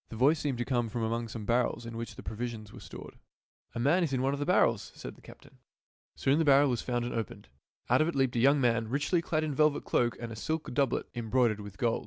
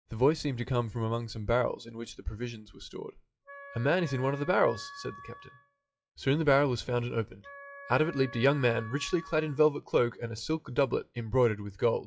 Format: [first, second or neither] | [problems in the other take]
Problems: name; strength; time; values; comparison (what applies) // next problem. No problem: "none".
first | noise reduction (classical method WPE with log-MMSE)